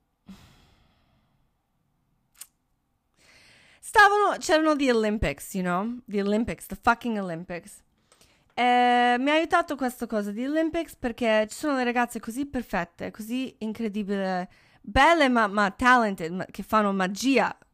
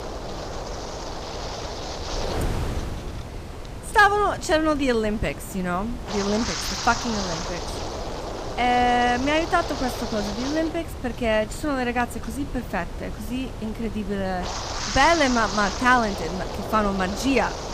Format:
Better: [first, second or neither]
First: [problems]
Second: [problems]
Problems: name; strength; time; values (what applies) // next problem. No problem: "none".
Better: first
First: none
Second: wind noise on the microphone; heavy; 10 dB below the speech